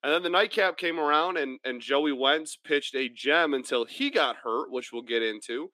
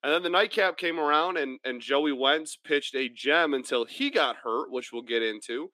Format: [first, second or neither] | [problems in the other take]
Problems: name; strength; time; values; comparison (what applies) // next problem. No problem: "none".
neither | thin; very slightly; fading below 300 Hz; the same in both